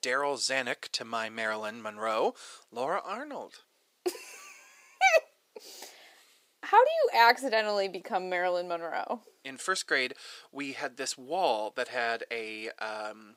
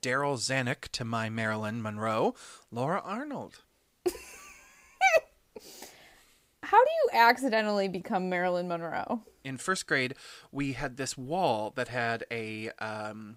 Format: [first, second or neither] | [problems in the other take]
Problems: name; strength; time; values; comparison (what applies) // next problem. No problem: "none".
second | thin; somewhat; fading below 400 Hz